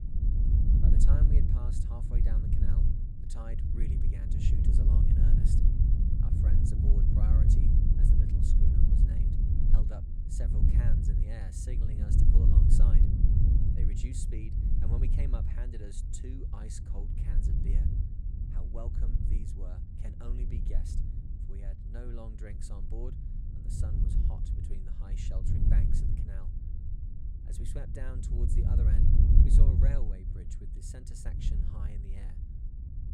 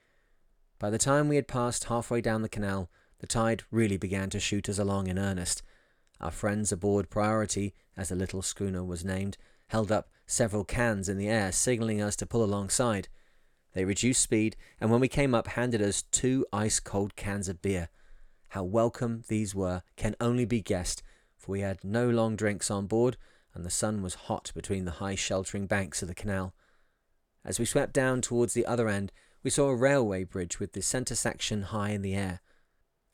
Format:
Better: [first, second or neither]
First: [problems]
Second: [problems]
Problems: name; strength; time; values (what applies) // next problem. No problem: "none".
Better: second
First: wind noise on the microphone; heavy; 5 dB above the speech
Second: none